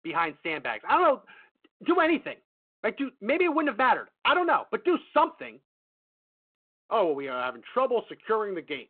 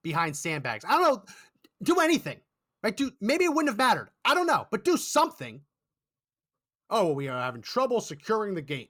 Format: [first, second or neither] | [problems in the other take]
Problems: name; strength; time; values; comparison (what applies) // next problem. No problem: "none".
second | phone-call audio